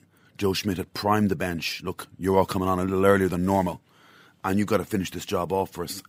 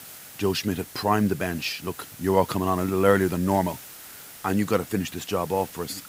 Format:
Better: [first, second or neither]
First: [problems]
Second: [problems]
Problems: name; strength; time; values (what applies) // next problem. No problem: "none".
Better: first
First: none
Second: hiss; noticeable; throughout; 15 dB below the speech